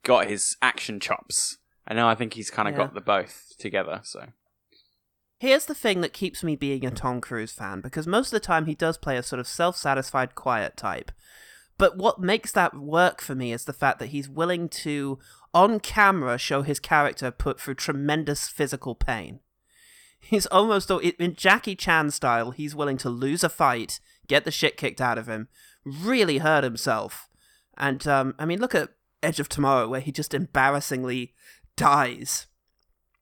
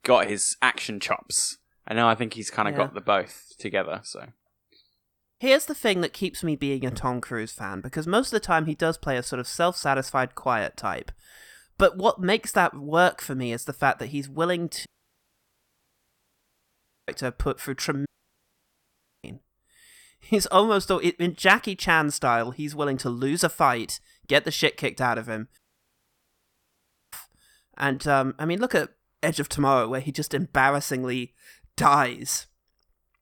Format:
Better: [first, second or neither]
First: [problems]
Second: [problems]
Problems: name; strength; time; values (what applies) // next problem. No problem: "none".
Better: first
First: none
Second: audio cutting out; at 15 s for 2 s, at 18 s for 1 s and at 26 s for 1.5 s